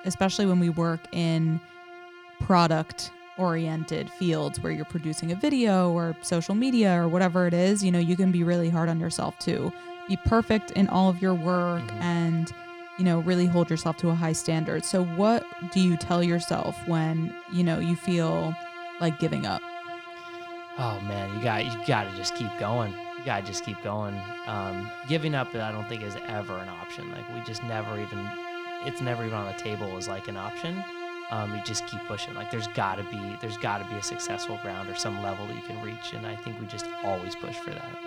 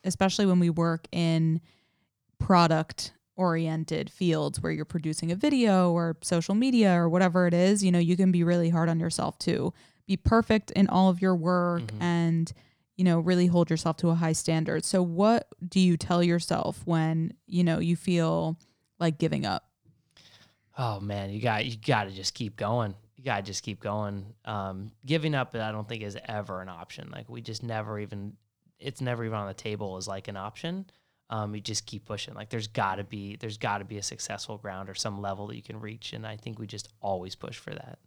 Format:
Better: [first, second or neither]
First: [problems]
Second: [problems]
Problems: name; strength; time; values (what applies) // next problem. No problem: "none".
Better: second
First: background music; noticeable; throughout; 10 dB below the speech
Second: none